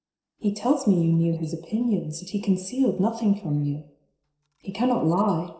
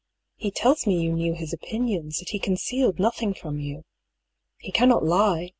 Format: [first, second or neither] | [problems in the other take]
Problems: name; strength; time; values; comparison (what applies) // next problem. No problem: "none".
second | noise reduction (neural separator model SepFormer DNS4)